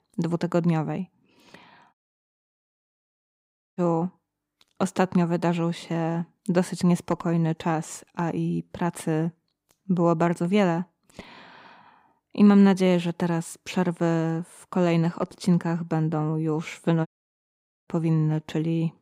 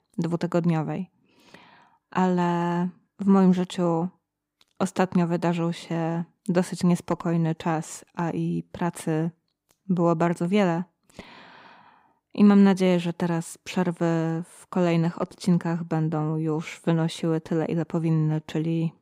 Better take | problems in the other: second | audio cutting out; at 2 s for 2 s and at 17 s for 1 s

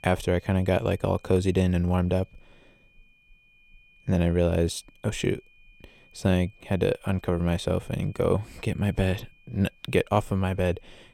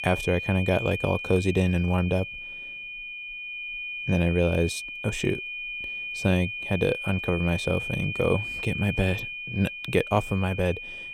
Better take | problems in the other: first | high-pitched whine; loud; throughout; 2.5 kHz, 6 dB below the speech; faint in the first

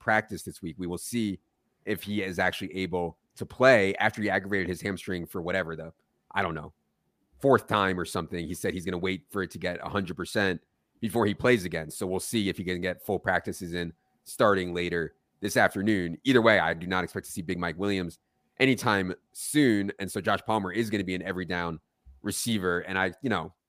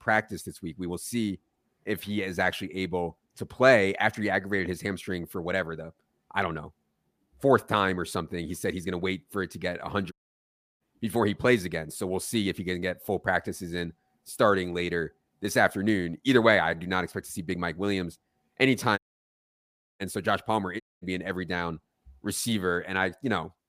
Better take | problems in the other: first | audio cutting out; at 10 s for 0.5 s, at 19 s for 1 s and at 21 s

